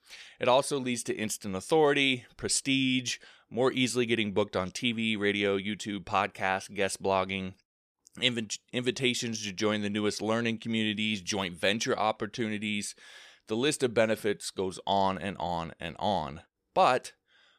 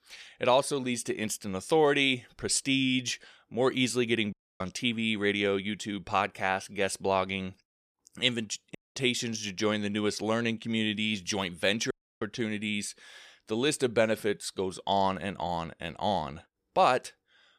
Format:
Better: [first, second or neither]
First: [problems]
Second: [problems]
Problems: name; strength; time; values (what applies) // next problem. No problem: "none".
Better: first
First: none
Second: audio cutting out; at 4.5 s, at 9 s and at 12 s